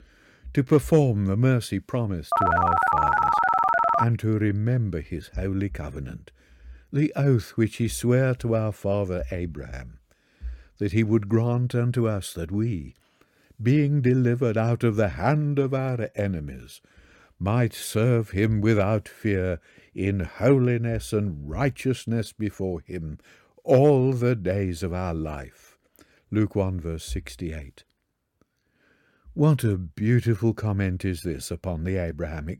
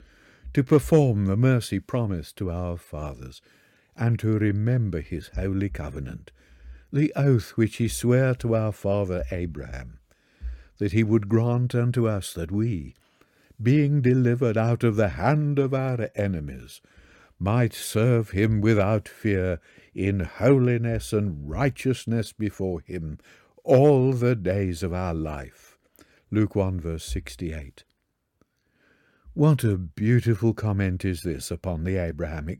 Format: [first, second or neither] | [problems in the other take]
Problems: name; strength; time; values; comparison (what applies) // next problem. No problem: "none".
second | phone ringing; loud; from 2.5 to 4 s; peak 4 dB above the speech